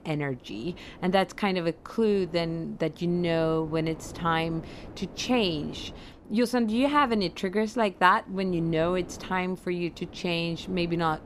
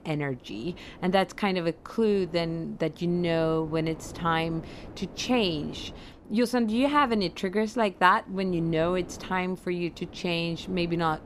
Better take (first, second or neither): neither